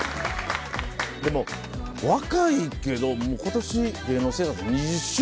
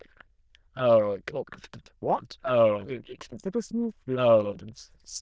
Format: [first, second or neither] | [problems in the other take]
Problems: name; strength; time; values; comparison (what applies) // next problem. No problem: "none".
first | noise reduction (neural diffusion model UNIVERSE++)